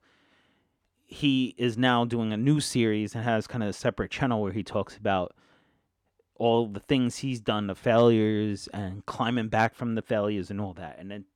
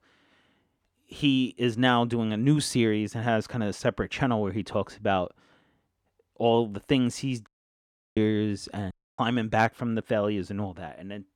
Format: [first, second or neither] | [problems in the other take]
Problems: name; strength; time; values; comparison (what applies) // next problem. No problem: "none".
first | audio cutting out; at 7.5 s for 0.5 s and at 9 s